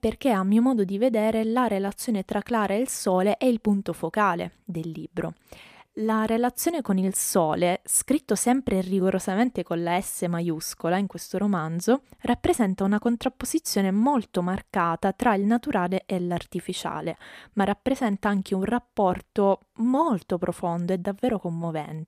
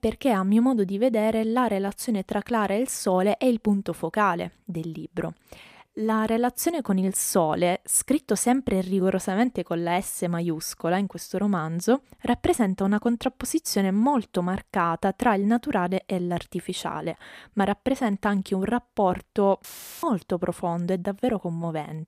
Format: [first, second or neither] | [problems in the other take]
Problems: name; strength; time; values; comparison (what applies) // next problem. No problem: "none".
first | audio cutting out; filled with static; at 20 s